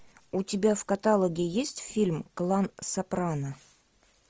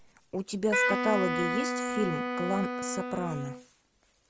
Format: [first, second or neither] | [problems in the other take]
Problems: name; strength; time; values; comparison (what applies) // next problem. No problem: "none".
first | background sound (Wind instrument, woodwind instrument); 1 dB above the speech